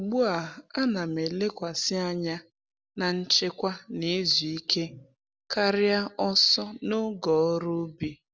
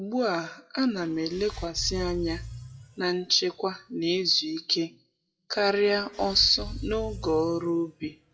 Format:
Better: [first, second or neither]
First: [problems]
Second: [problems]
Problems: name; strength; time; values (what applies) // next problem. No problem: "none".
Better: first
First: none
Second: noise reduction (classical method WPE with log-MMSE)